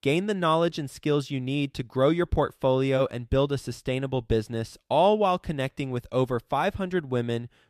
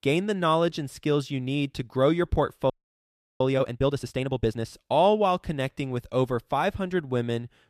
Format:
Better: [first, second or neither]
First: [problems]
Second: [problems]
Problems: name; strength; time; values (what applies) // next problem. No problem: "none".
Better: first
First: none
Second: audio freezing; at 2.5 s for 0.5 s